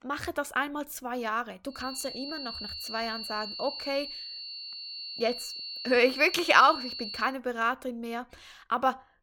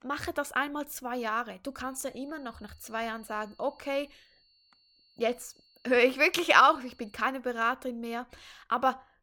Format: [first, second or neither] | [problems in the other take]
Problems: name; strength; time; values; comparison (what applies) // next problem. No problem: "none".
second | high-pitched whine; loud; from 2 to 7.5 s; 4.5 kHz, 8 dB below the speech; faint in the second